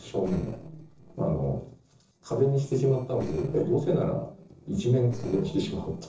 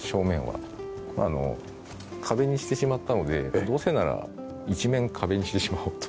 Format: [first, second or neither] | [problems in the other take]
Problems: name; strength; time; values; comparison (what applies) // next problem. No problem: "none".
second | noise reduction (neural separator model SepFormer DNS4)